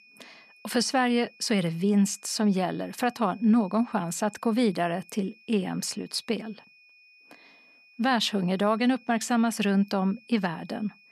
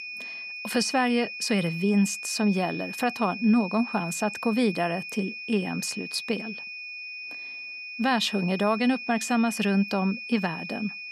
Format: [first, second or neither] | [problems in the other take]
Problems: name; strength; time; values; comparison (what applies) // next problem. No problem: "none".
first | high-pitched whine; loud; throughout; 2.5 kHz, 9 dB below the speech; faint in the first